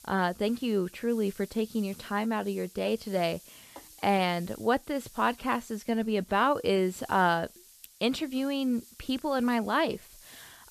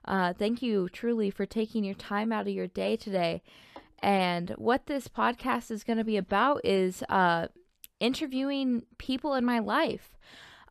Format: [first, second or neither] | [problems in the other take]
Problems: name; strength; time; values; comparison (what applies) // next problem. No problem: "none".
second | hiss; faint; throughout; 20 dB below the speech